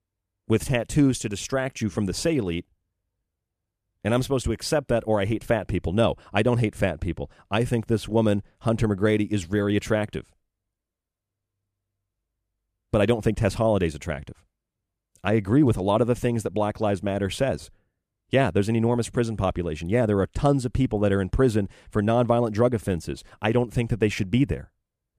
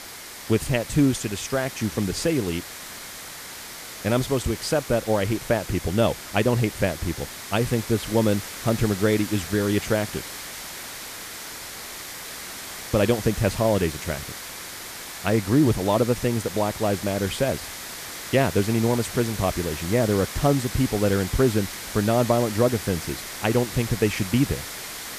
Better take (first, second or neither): first